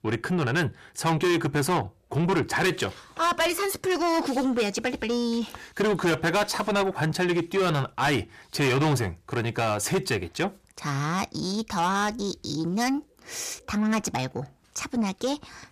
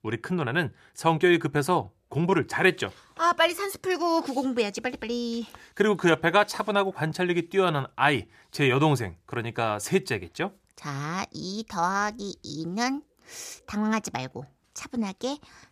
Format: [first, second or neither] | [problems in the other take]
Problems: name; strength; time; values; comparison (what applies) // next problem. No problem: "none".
second | distortion; heavy; 7 dB below the speech